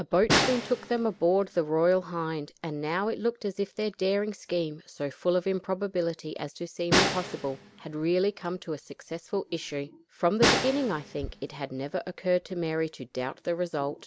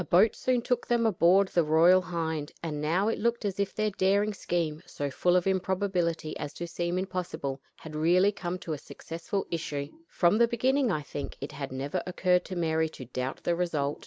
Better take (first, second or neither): second